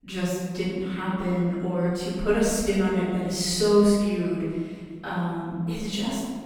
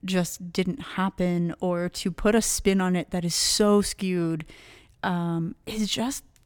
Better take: second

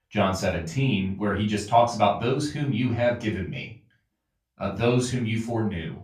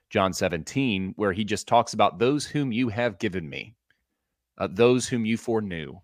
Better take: second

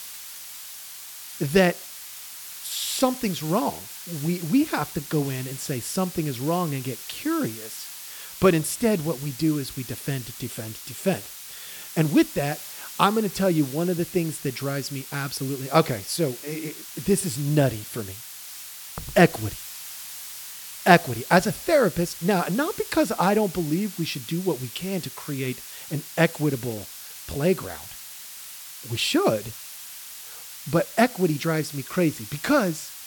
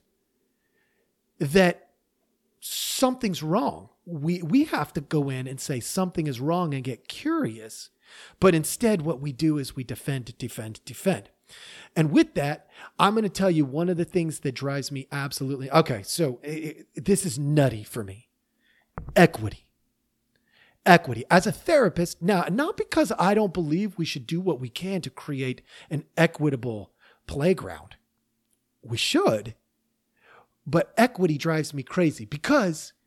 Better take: second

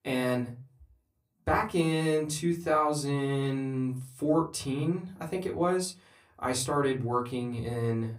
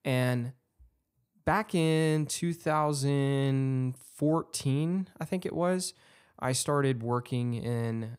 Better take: second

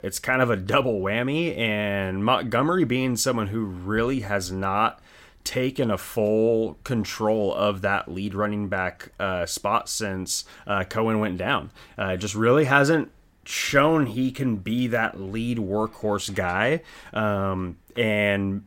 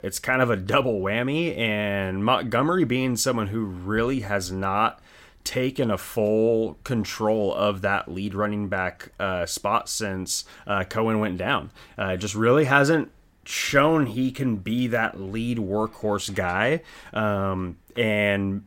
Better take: neither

